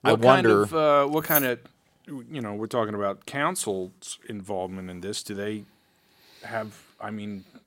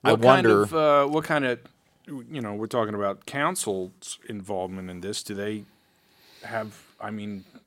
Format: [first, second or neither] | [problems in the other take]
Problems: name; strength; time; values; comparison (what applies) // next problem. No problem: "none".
second | jangling keys; loud; at 1.5 s; peak 1 dB above the speech